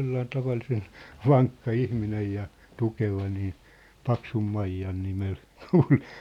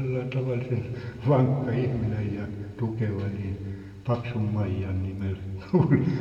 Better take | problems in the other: first | room echo; dies away in 2.1 s

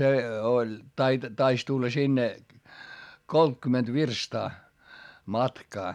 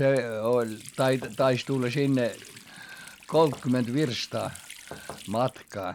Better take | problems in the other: first | background sound (Knock / Wood + Water tap, faucet); 19 dB below the speech

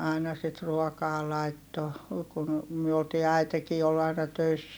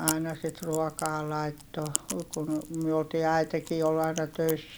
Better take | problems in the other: first | background sound (Chewing, mastication); 11 dB below the speech

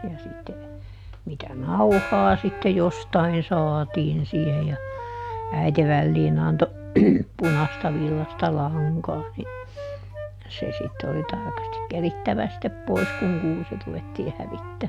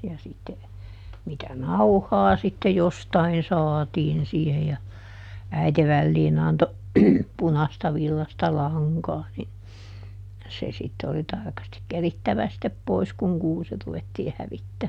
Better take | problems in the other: second | background sound (Wind instrument, woodwind instrument + Gong); 12 dB below the speech

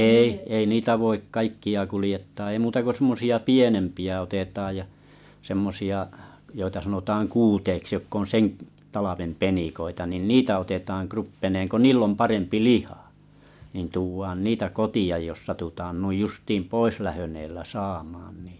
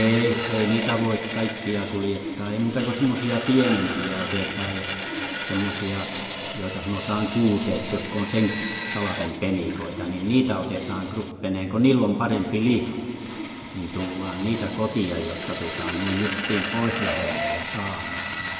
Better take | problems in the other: first | background sound (Sawing); 7 dB below the speech // room echo; dies away in 2 s

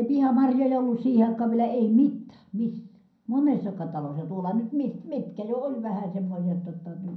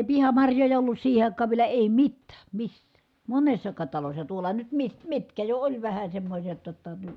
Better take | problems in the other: second | room echo; dies away in 0.6 s

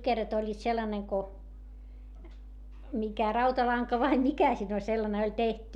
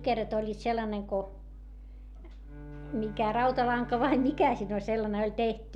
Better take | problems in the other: first | background sound (Bowed string instrument); 18 dB below the speech

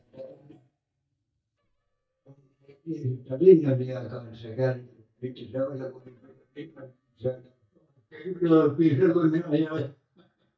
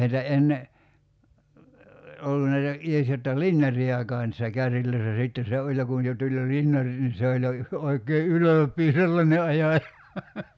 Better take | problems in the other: second | noise reduction (neural mask model DeepFilterNet 3)

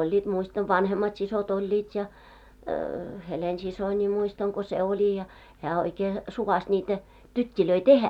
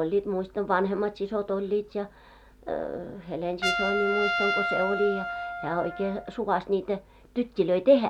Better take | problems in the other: first | background sound (Trumpet); 6 dB below the speech

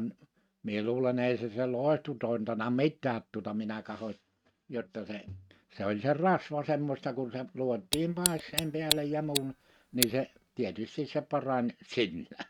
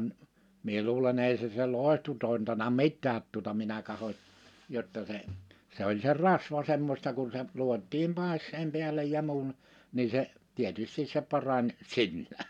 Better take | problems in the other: second | noise reduction (neural mask model RNNoise)

